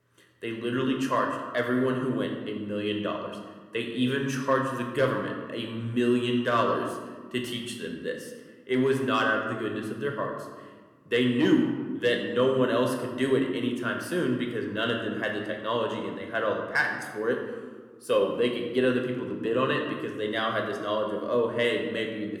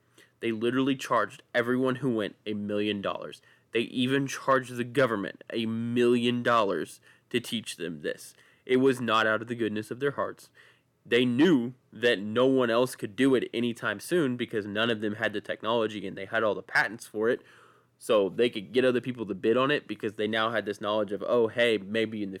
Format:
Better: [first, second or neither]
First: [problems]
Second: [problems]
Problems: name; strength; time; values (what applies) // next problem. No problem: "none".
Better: second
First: room echo; slight; dies away in 1.1 s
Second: none